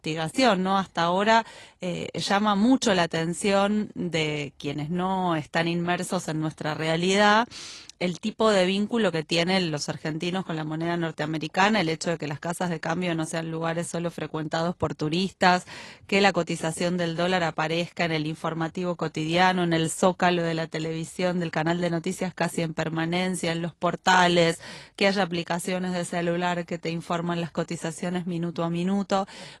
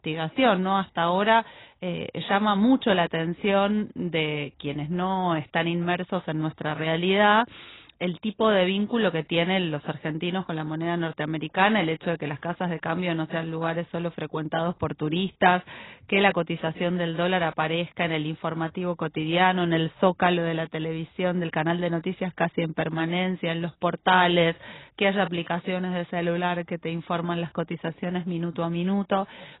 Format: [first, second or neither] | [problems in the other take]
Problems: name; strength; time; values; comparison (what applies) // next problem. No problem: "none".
first | garbled, watery; badly; nothing above 4 kHz; slightly in the first